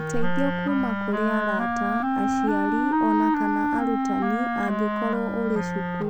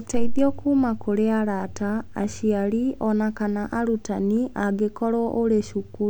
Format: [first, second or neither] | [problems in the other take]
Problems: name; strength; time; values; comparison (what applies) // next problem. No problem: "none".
second | background sound (Wind instrument, woodwind instrument); 2 dB above the speech